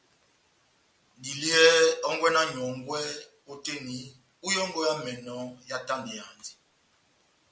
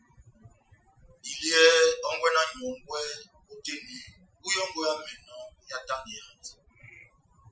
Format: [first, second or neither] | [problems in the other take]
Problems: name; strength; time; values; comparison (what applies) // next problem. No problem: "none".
first | noise reduction (classical method Wiener filter)